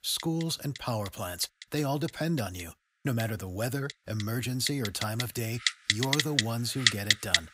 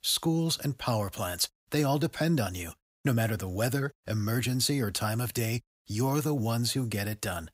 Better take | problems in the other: second | household noises; very loud; throughout; 4 dB above the speech

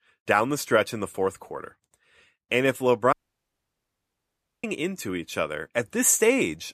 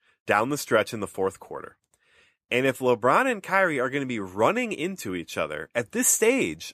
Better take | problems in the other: second | audio cutting out; at 3 s for 1.5 s

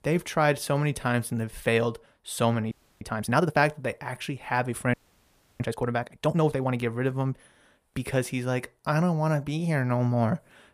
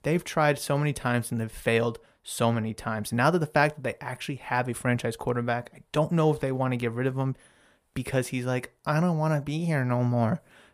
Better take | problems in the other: second | audio freezing; at 2.5 s and at 5 s for 0.5 s

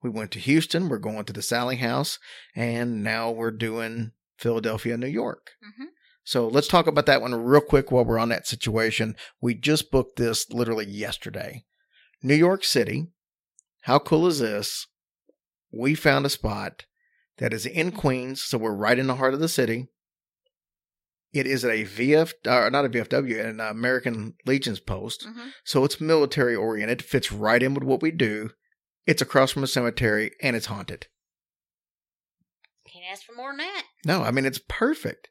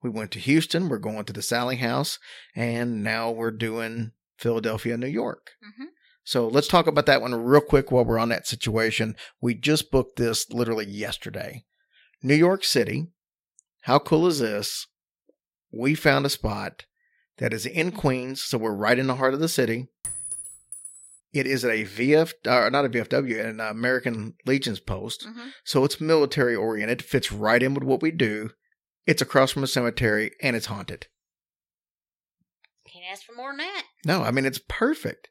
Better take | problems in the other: first | clattering dishes; noticeable; from 20 to 21 s; peak 6 dB below the speech

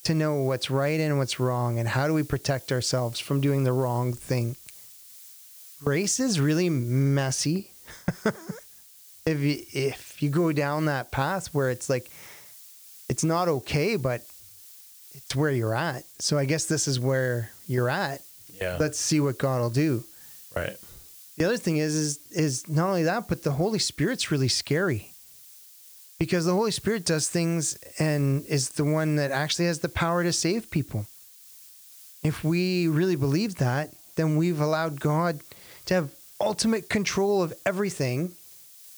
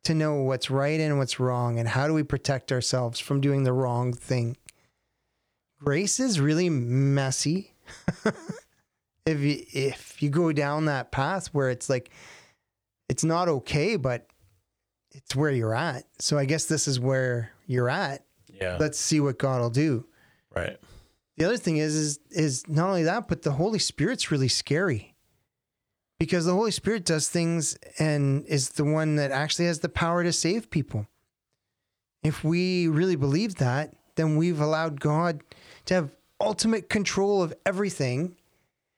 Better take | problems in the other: second | hiss; noticeable; throughout; 20 dB below the speech

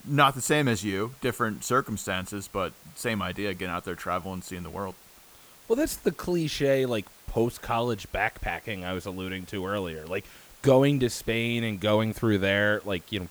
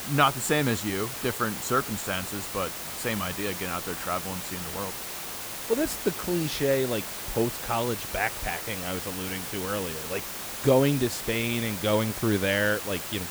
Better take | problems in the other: first | hiss; loud; throughout; 5 dB below the speech; faint in the first

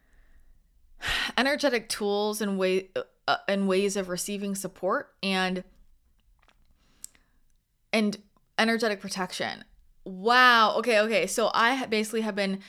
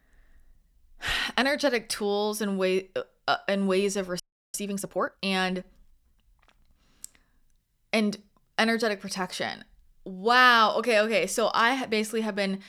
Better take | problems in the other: first | audio freezing; at 4 s

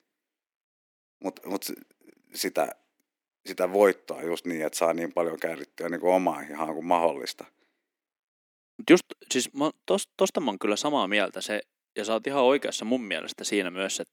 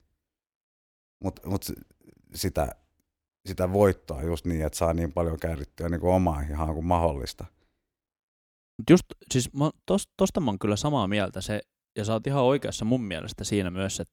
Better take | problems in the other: second | thin; very slightly; fading below 250 Hz

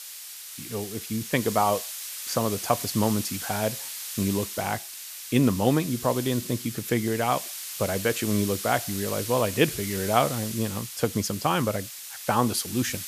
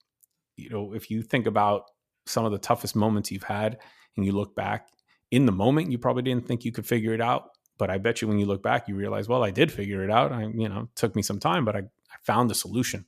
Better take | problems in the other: second | hiss; loud; throughout; 7 dB below the speech

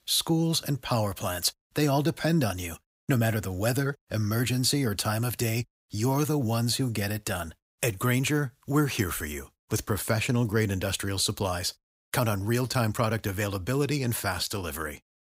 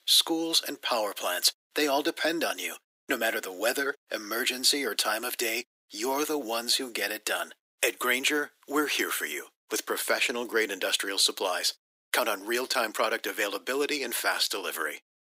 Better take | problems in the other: first | thin; very; fading below 300 Hz

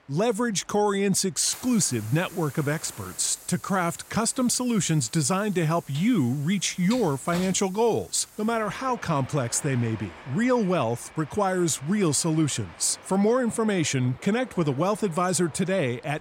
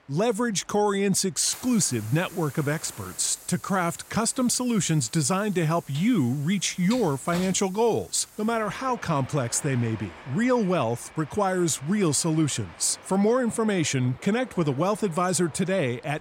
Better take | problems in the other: neither | train or aircraft noise; noticeable; throughout; 20 dB below the speech; the same in both

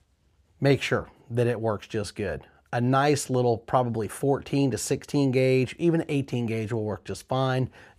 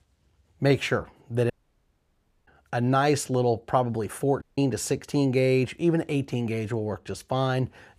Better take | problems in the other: first | audio cutting out; at 1.5 s for 1 s and at 4.5 s

